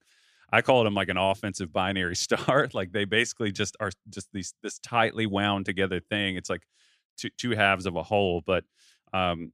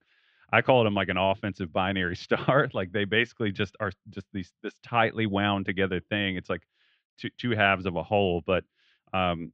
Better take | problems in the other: first | muffled; very; fading above 3.5 kHz

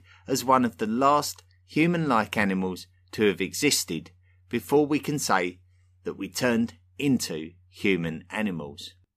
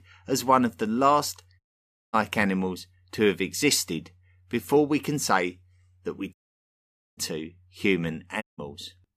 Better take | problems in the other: first | audio cutting out; at 1.5 s for 0.5 s, at 6.5 s for 1 s and at 8.5 s

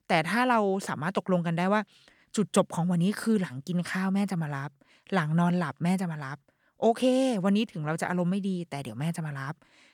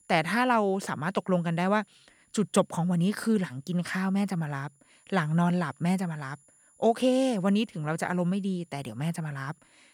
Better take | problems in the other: first | high-pitched whine; faint; throughout; 10.5 kHz, 35 dB below the speech

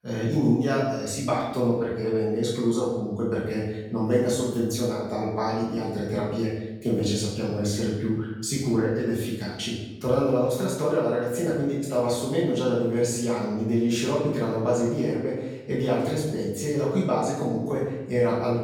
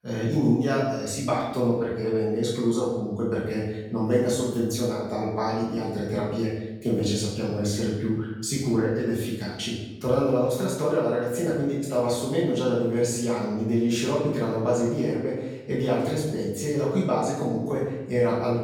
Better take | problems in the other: neither | off-mic speech; far; the same in both // room echo; noticeable; dies away in 0.9 s; the same in both

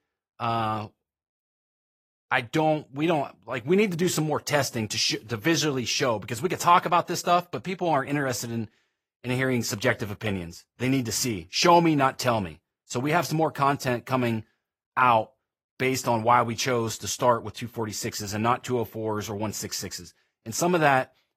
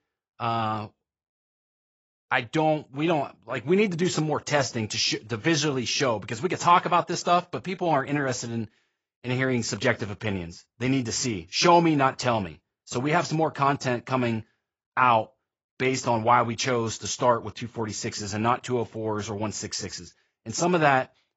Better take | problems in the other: first | garbled, watery; badly; nothing above 7.5 kHz; slightly in the first

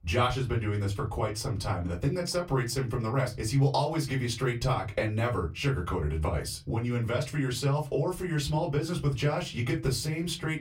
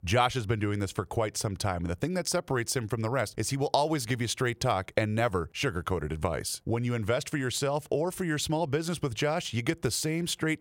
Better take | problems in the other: second | off-mic speech; far // room echo; very slight; dies away in 0.3 s

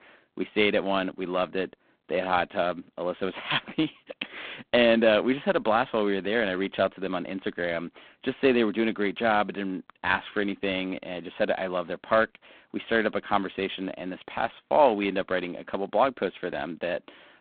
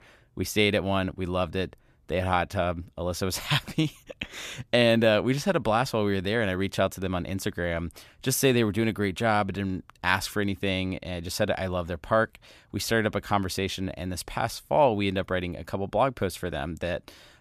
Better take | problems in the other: second | phone-call audio; poor line; nothing above 3.5 kHz

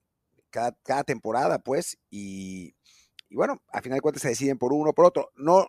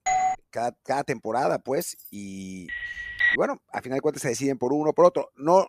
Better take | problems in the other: first | doorbell; loud; at the start; peak 1 dB above the speech // jangling keys; faint; at 2 s; peak 15 dB below the speech // phone ringing; loud; at 2.5 s; peak 3 dB above the speech

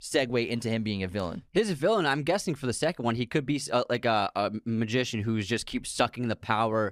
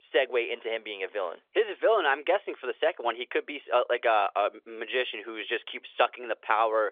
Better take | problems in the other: first | phone-call audio; nothing above 3.5 kHz

